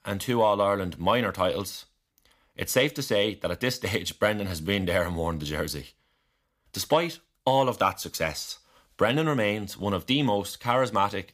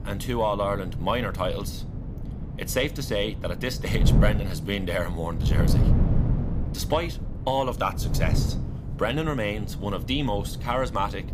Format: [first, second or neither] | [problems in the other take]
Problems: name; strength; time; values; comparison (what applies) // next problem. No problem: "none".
first | wind noise on the microphone; occasional gusts; 10 dB below the speech